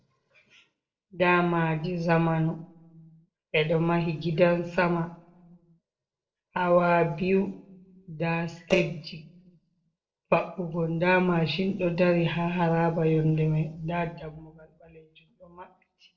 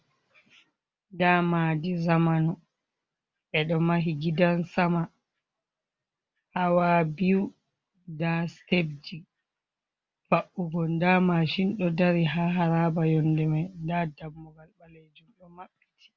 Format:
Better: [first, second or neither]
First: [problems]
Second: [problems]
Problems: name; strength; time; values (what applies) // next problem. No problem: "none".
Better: second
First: noise reduction (neural separator model SepFormer DNS4)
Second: none